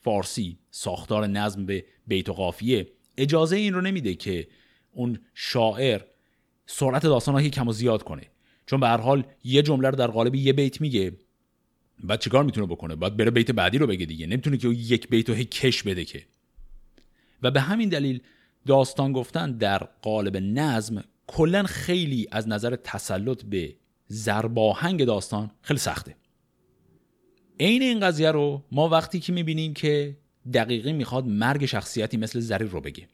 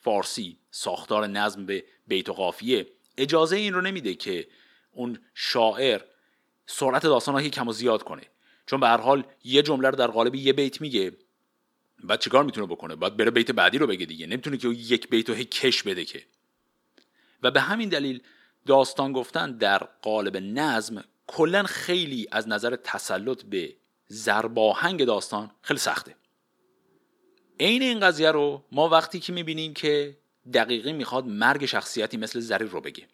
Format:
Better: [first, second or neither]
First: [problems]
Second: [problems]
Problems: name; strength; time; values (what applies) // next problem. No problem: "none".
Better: first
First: none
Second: thin; somewhat; fading below 300 Hz